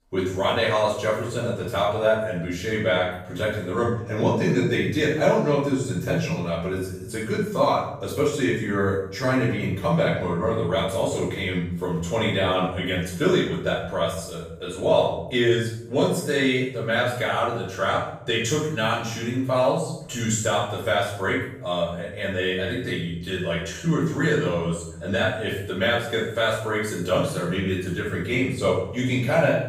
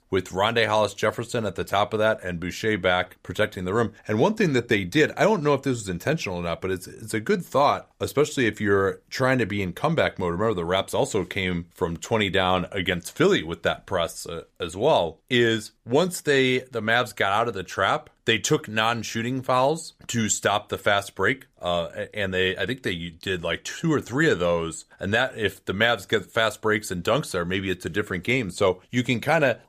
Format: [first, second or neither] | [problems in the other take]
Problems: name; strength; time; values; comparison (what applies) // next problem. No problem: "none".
second | off-mic speech; far // room echo; noticeable; dies away in 0.7 s